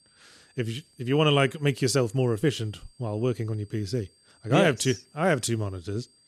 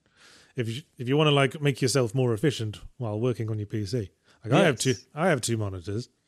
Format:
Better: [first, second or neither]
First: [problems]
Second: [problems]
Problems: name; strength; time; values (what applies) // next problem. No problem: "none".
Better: second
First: high-pitched whine; faint; throughout; 4.5 kHz, 35 dB below the speech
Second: none